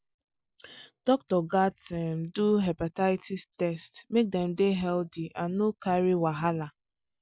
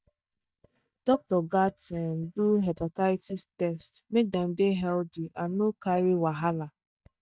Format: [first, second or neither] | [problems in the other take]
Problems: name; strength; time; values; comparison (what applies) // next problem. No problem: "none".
first | noise reduction (neural mask model DeepFilterNet 3)